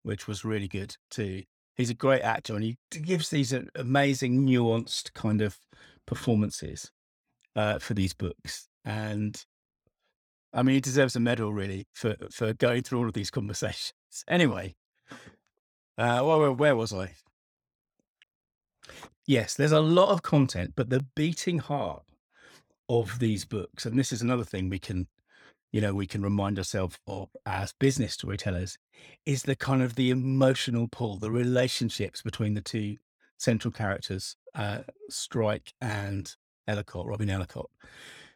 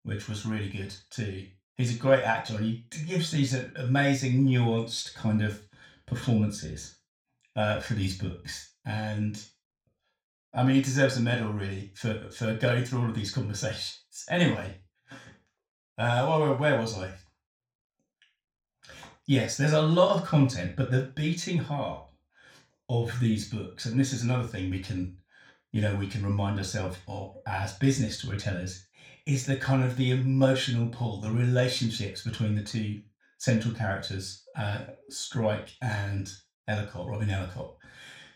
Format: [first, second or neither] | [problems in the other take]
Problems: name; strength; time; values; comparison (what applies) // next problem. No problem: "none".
first | room echo; slight; dies away in 0.3 s // off-mic speech; somewhat distant